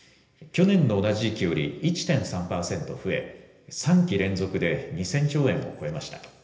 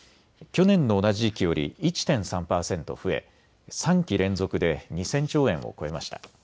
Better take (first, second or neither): second